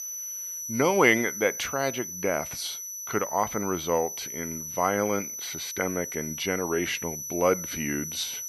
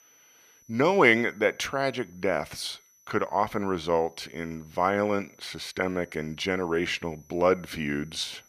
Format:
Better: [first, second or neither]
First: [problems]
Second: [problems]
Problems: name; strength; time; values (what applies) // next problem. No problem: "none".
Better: second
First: high-pitched whine; loud; throughout; 6 kHz, 6 dB below the speech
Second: high-pitched whine; faint; throughout; 6 kHz, 30 dB below the speech